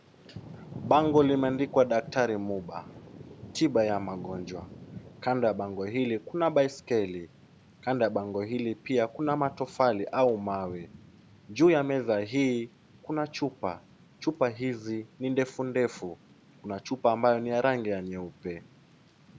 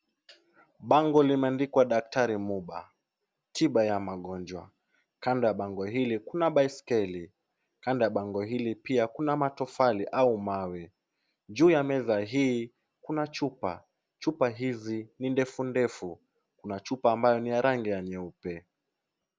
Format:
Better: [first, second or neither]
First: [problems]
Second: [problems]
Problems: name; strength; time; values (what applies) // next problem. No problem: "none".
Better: second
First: background sound (Thunder / Rain); 19 dB below the speech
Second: none